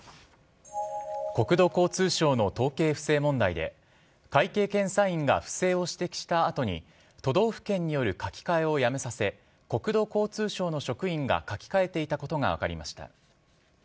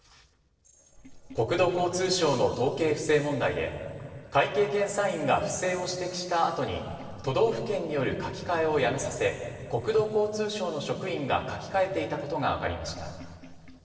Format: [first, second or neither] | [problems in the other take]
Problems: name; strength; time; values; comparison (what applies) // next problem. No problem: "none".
first | noise reduction (neural separator model SepFormer DNS4)